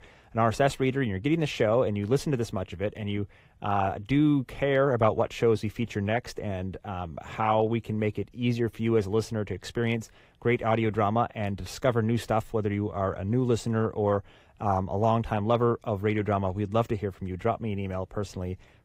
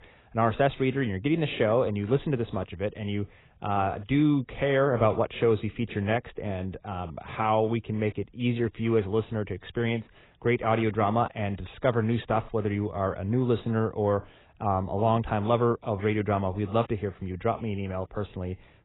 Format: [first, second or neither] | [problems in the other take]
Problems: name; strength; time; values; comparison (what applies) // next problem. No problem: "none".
first | garbled, watery; badly; nothing above 4 kHz; slightly in the first